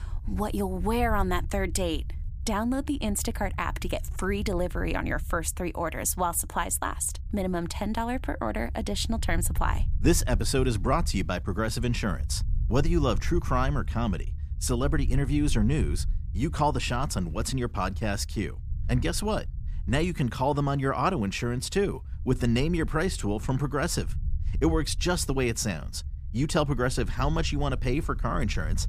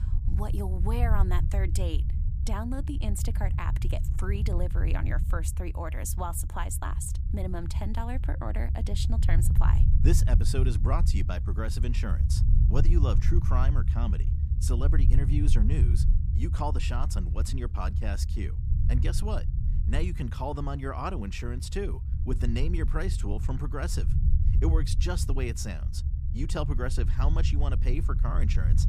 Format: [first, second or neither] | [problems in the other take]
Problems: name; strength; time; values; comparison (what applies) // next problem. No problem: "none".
first | low rumble; loud; throughout; 8 dB below the speech; faint in the first